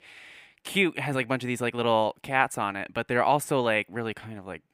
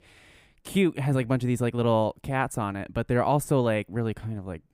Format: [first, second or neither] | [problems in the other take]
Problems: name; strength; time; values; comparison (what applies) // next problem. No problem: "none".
second | thin; somewhat; fading below 350 Hz